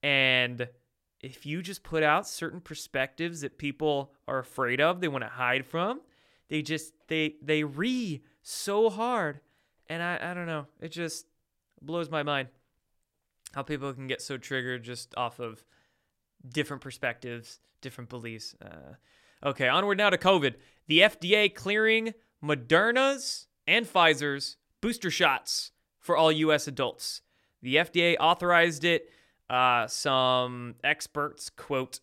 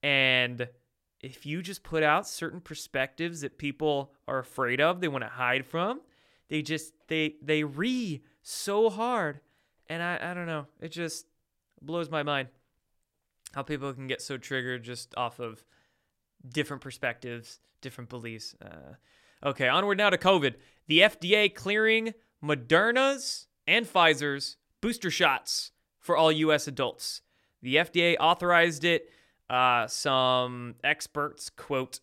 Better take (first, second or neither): neither